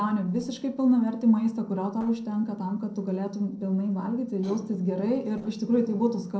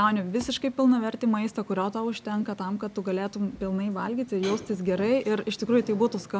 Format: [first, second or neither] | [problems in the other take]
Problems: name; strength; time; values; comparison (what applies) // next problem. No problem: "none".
second | noise reduction (neural separator model SepFormer DNS4)